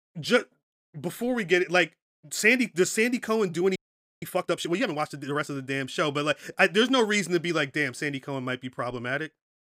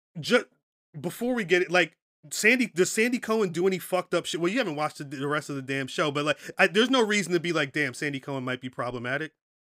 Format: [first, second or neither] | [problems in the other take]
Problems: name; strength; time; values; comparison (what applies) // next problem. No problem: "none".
second | audio freezing; at 4 s